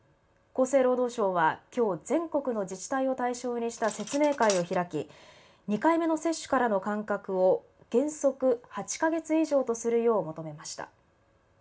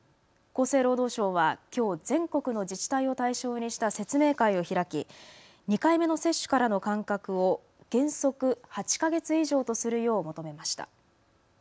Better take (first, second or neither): second